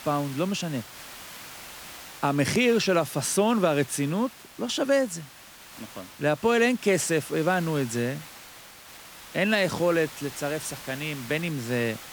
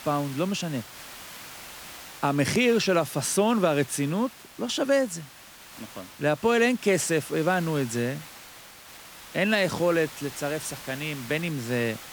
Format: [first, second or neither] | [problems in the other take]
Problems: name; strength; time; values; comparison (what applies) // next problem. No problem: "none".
neither | hiss; noticeable; throughout; 15 dB below the speech; the same in both